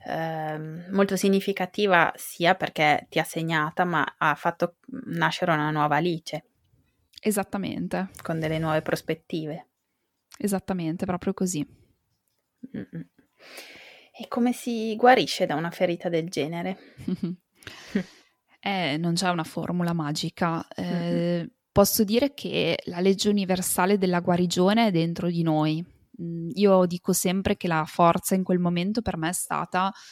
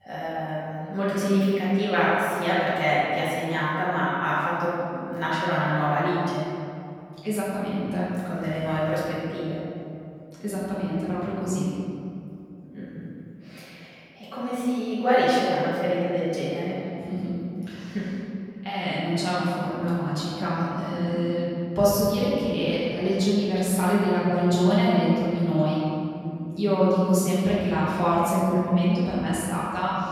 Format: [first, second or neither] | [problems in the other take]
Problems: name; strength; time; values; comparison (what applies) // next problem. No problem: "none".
first | room echo; strong; dies away in 2.5 s // off-mic speech; far